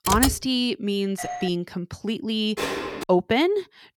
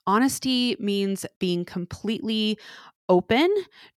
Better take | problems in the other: second | keyboard typing; loud; at the start; peak 2 dB above the speech // doorbell; noticeable; at 1 s; peak 8 dB below the speech // door banging; noticeable; at 2.5 s; peak 3 dB below the speech

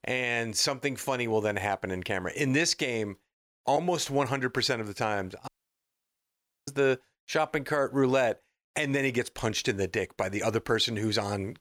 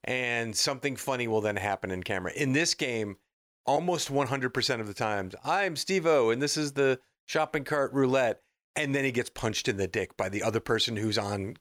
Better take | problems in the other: second | audio cutting out; at 5.5 s for 1 s

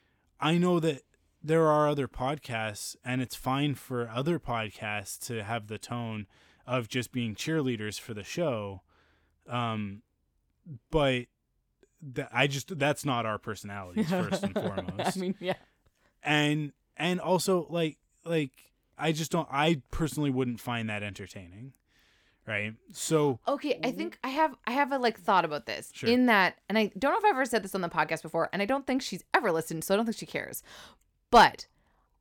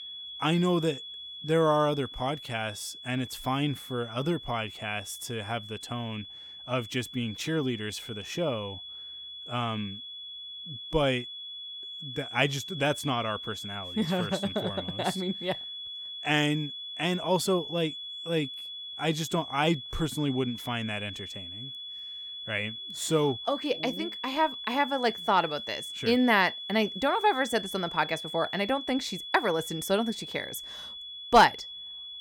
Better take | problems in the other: first | high-pitched whine; loud; throughout; 3.5 kHz, 9 dB below the speech

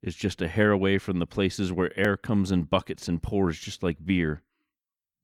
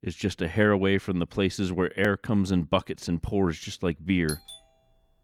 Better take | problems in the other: first | doorbell; faint; at 4.5 s; peak 10 dB below the speech

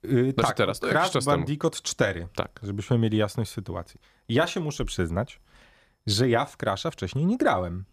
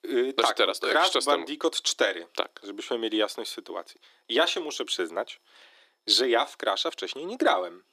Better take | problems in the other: first | thin; very; fading below 300 Hz

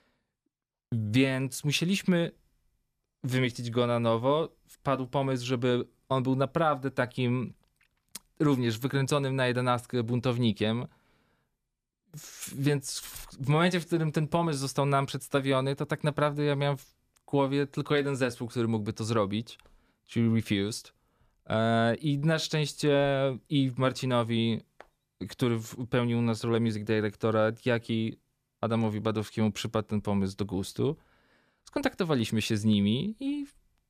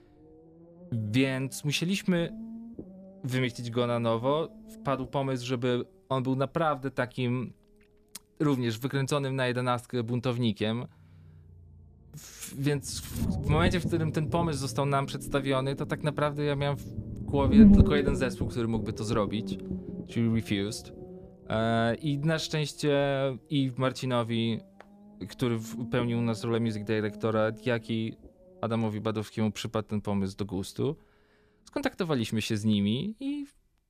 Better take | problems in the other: first | low rumble; loud; throughout; 6 dB below the speech

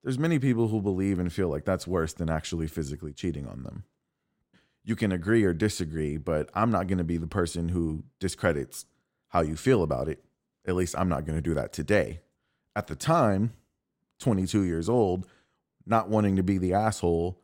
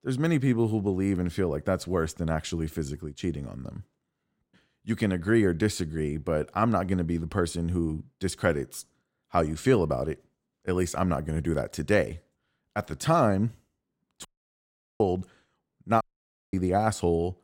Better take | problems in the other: first | audio cutting out; at 14 s for 1 s and at 16 s for 0.5 s

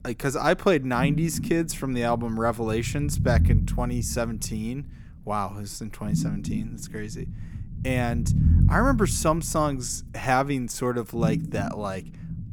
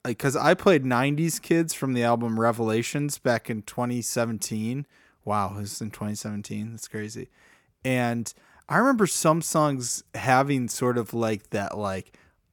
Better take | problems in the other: second | low rumble; noticeable; throughout; 15 dB below the speech

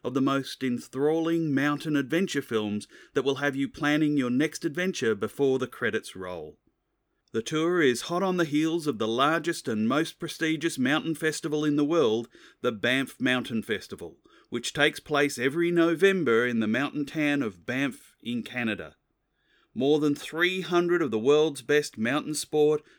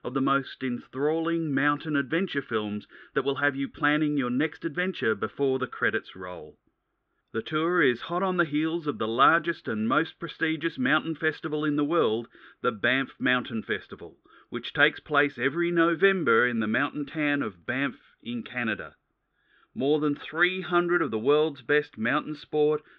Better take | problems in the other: first | muffled; very; fading above 3.5 kHz

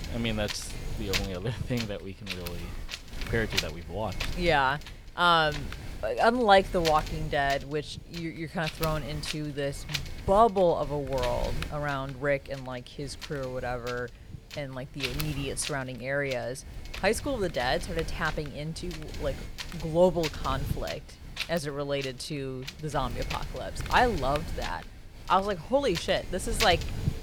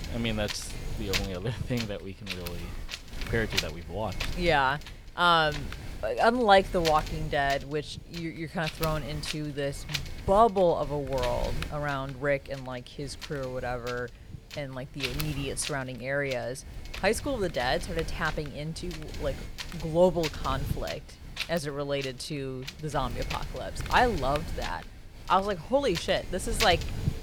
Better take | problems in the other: neither | wind noise on the microphone; occasional gusts; 10 dB below the speech; the same in both

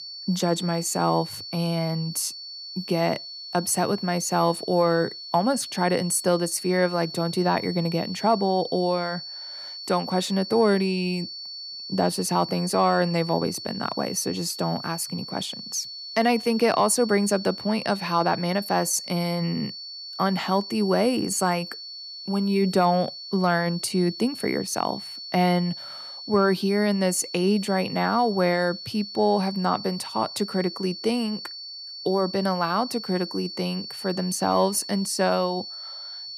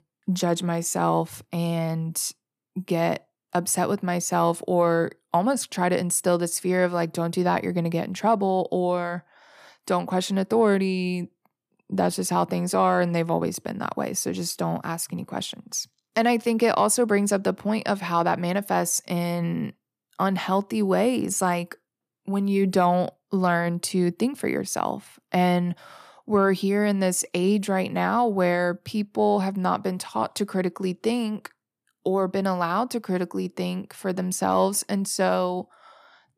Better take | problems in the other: second | high-pitched whine; noticeable; throughout; 4.5 kHz, 10 dB below the speech

